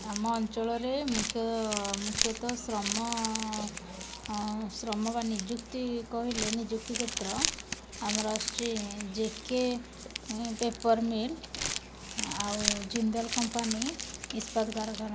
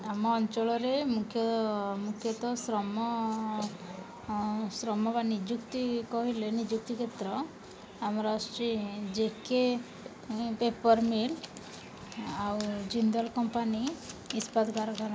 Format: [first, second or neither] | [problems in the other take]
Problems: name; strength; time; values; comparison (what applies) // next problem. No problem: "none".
second | background sound (Crumpling, crinkling); 4 dB below the speech